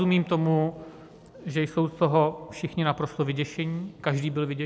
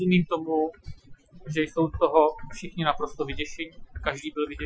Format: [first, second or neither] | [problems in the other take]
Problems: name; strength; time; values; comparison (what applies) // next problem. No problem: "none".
first | noise reduction (classical method Wiener filter)